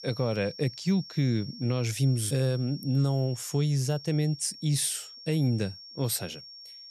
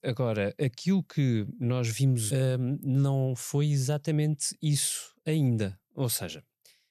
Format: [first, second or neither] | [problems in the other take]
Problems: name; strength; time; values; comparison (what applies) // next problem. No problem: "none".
second | high-pitched whine; noticeable; throughout; 5.5 kHz, 15 dB below the speech